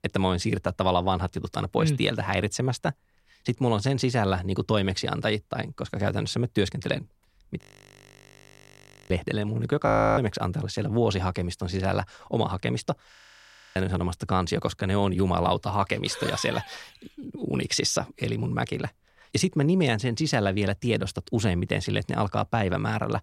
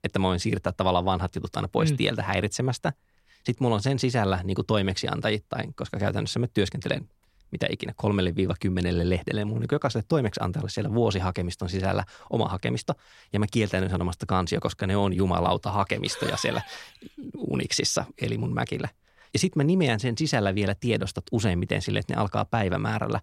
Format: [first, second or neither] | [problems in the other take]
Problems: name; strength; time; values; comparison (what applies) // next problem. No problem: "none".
second | audio freezing; at 7.5 s for 1.5 s, at 10 s and at 13 s for 0.5 s